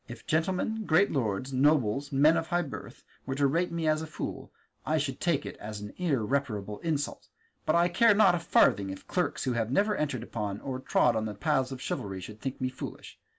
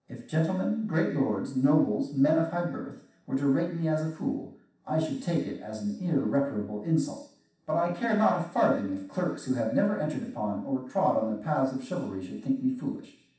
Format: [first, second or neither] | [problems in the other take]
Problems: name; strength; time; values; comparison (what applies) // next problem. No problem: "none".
first | room echo; dies away in 0.7 s